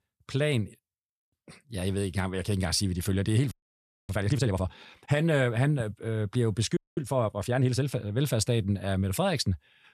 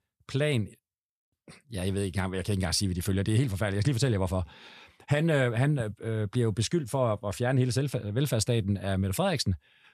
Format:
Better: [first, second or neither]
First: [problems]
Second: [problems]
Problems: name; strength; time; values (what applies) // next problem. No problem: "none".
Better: second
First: audio freezing; at 3.5 s for 0.5 s and at 7 s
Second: none